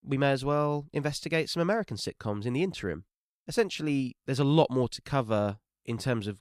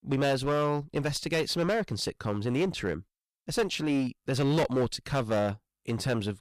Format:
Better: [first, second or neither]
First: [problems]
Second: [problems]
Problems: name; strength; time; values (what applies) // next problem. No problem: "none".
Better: first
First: none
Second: distortion; heavy; 12% of the sound clipped